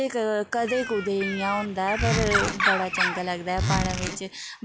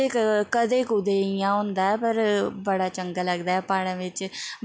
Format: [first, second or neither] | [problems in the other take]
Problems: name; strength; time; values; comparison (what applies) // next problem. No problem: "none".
second | background sound (Zipper (clothing) + Bird); as loud as the speech